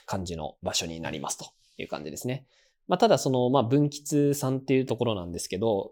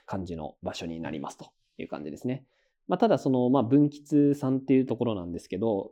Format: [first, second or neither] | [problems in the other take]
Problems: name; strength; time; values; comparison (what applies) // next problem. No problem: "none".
first | muffled; slightly; fading above 3.5 kHz